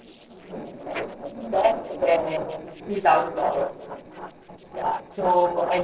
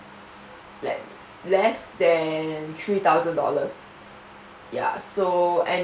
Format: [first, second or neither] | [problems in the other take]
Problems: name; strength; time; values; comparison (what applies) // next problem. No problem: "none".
second | noise reduction (neural separator model SepFormer DNS4)